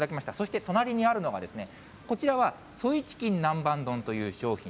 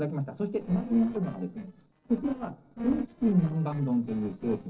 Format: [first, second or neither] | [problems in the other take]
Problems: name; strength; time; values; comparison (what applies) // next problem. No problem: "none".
first | noise reduction (neural separator model SepFormer DNS4)